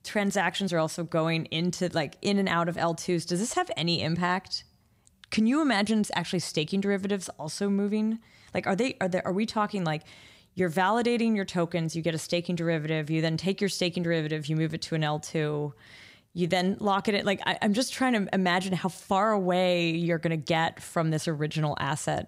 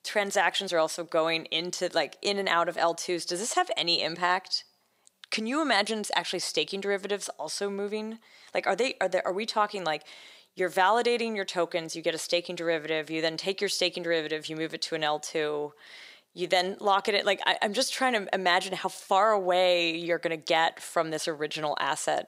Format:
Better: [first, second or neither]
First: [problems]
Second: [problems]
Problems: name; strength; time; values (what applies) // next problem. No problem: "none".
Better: first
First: none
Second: thin; somewhat; fading below 500 Hz